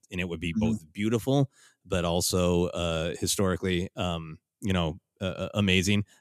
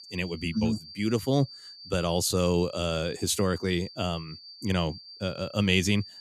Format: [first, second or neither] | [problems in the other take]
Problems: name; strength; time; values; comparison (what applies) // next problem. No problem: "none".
first | high-pitched whine; noticeable; throughout; 4.5 kHz, 15 dB below the speech